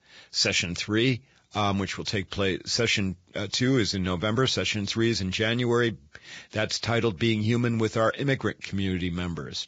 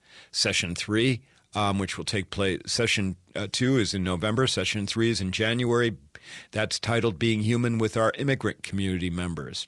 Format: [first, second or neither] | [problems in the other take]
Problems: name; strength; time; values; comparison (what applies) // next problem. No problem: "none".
second | garbled, watery; badly; nothing above 7.5 kHz; slightly in the second